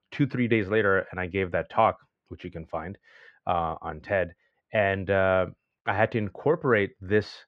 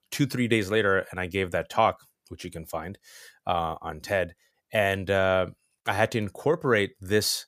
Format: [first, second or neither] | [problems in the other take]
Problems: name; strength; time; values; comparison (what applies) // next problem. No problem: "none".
second | muffled; very; fading above 2.5 kHz